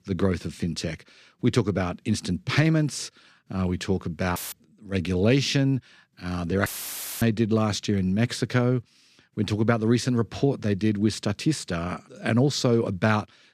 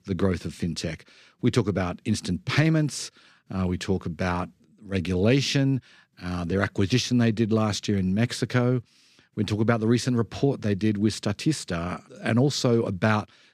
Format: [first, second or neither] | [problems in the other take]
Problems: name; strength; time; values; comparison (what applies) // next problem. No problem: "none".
second | audio cutting out; filled with static; at 4.5 s and at 6.5 s for 0.5 s